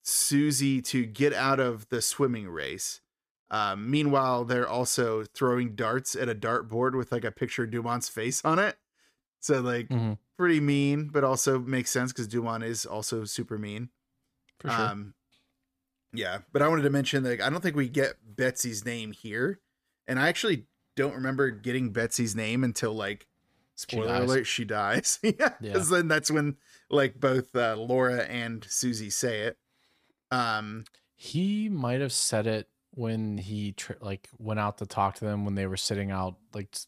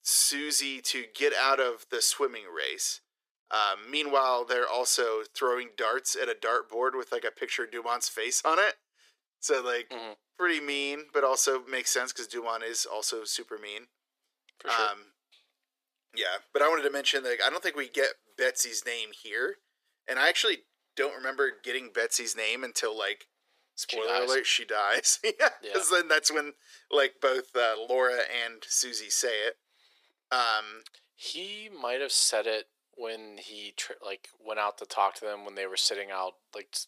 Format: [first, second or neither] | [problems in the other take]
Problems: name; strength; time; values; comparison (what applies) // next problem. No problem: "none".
first | thin; very; fading below 400 Hz